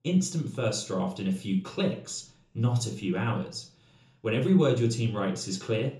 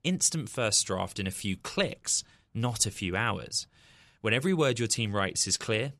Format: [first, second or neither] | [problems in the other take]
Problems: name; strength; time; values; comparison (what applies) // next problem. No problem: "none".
second | room echo; slight; dies away in 0.8 s // off-mic speech; far